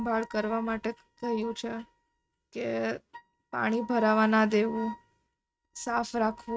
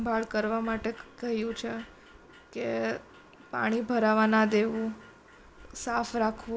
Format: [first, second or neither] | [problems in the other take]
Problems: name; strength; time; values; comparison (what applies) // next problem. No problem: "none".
second | noise reduction (neural mask model RNNoise)